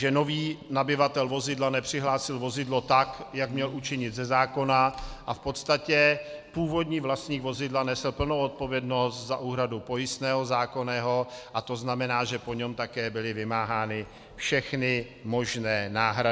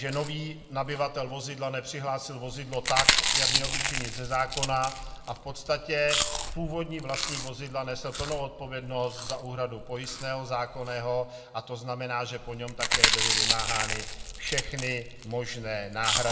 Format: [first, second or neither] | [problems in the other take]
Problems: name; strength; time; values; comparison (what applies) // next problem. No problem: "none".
first | background sound (Chewing, mastication); 1 dB above the speech // room echo; dies away in 1.3 s